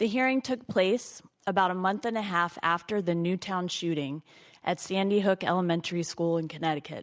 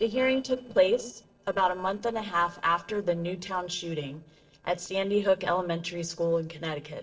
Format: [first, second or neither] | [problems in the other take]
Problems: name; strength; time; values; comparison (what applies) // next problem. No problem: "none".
first | noise reduction (neural separator model SepFormer DNS4)